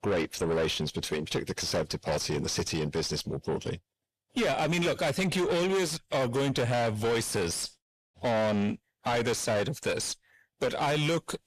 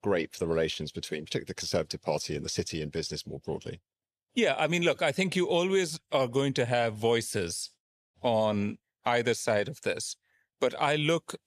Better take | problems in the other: second | distortion; heavy; 6 dB below the speech

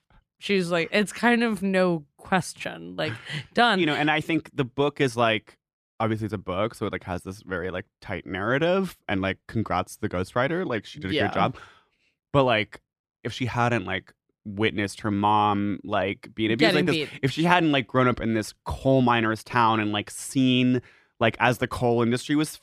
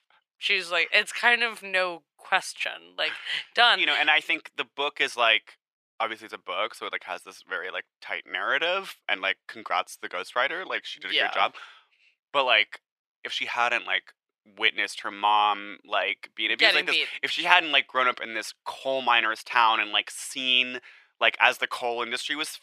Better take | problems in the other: first | thin; very; fading below 700 Hz

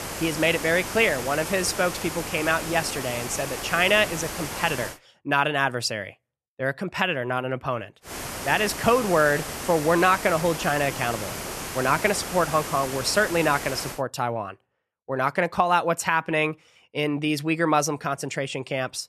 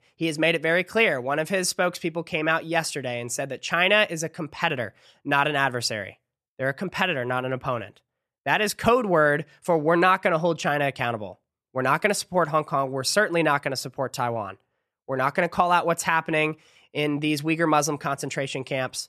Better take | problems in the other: second | hiss; loud; until 5 s and from 8 to 14 s; 8 dB below the speech

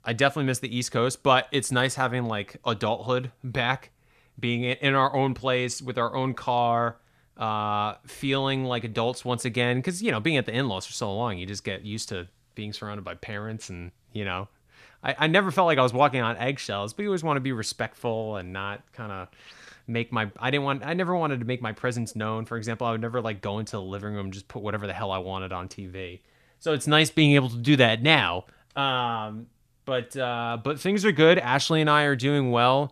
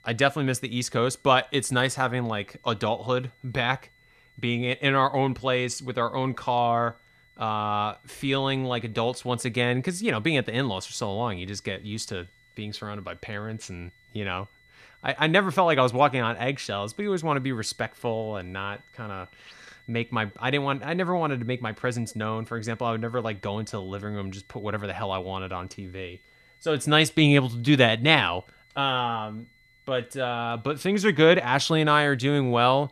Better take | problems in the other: first | high-pitched whine; faint; throughout; 2 kHz, 30 dB below the speech

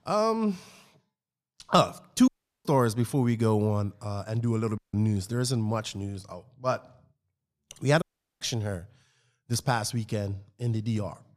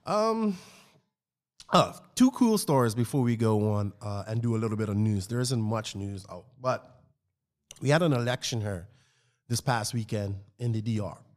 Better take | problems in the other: second | audio cutting out; at 2.5 s, at 5 s and at 8 s

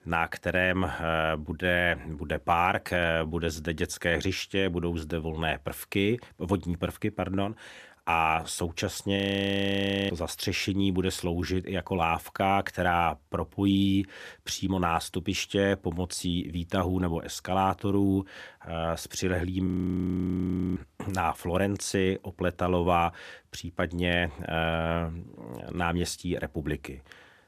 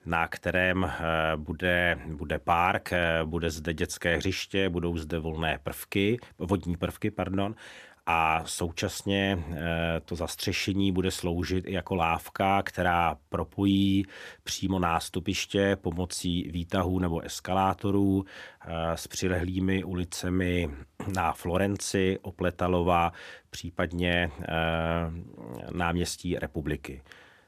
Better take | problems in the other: second | audio freezing; at 9 s for 1 s and at 20 s for 1 s

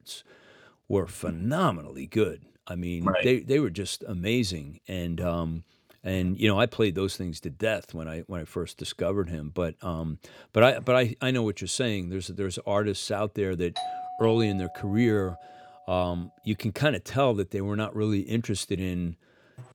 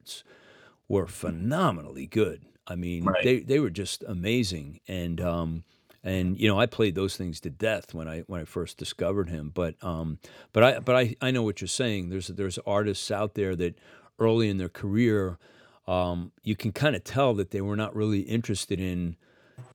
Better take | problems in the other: second | doorbell; noticeable; from 14 to 16 s; peak 6 dB below the speech

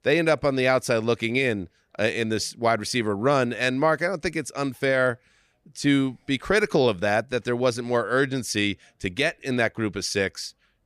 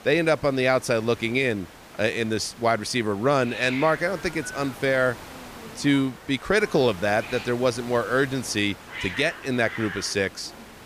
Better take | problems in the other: first | hiss; noticeable; throughout; 15 dB below the speech

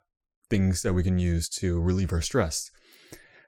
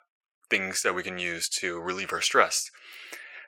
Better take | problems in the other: first | thin; very; fading below 600 Hz

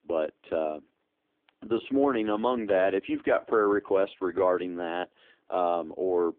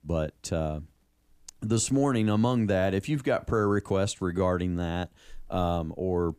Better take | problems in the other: second | phone-call audio; poor line

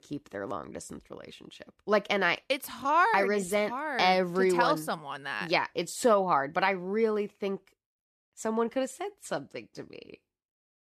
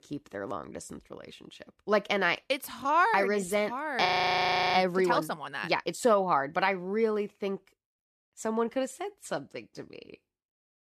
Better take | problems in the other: first | audio freezing; at 4 s for 0.5 s

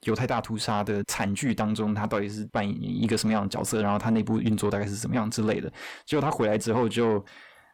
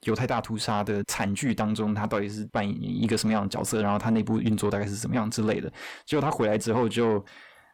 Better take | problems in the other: neither | distortion; slight; 10 dB below the speech; the same in both

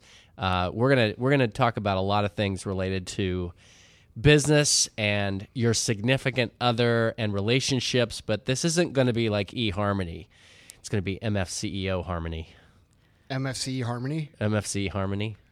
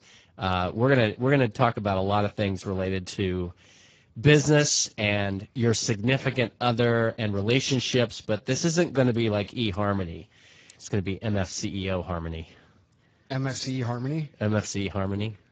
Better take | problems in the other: first | garbled, watery; badly

